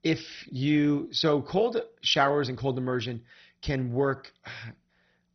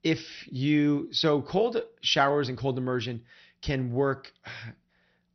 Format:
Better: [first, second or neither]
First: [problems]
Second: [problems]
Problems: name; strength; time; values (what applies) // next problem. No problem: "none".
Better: second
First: garbled, watery; badly; nothing above 6 kHz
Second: garbled, watery; slightly; nothing above 6 kHz